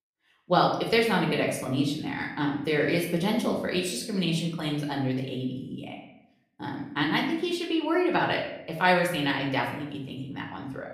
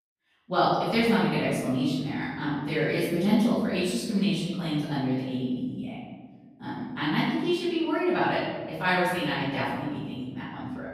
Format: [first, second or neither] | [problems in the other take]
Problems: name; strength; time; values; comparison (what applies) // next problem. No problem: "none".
first | room echo; strong; dies away in 1.3 s; slight in the first // off-mic speech; far; somewhat distant in the first